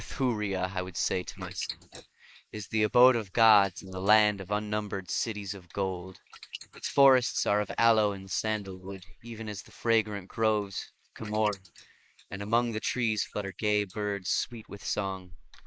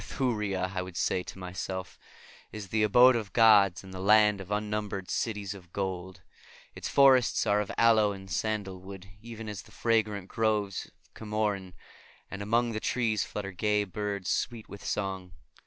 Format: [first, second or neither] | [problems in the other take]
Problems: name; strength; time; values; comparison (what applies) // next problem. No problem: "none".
second | noise reduction (neural mask model Resemble Enhance denoiser)